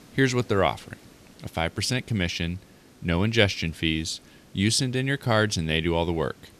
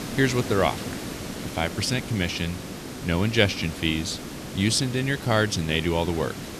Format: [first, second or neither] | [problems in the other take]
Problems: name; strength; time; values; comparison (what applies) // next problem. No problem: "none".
first | hiss; loud; throughout; 10 dB below the speech; faint in the first